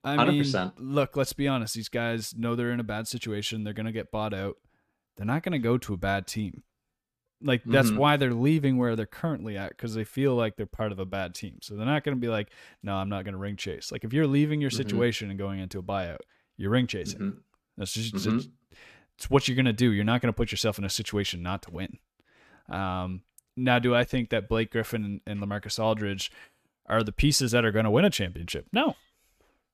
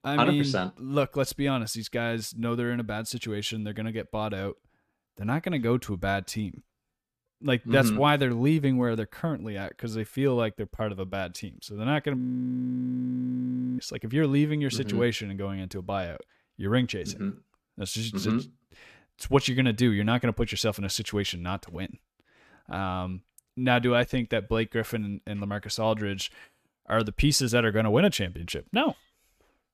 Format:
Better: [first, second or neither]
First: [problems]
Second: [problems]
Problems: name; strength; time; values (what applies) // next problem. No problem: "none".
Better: first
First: none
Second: audio freezing; at 12 s for 1.5 s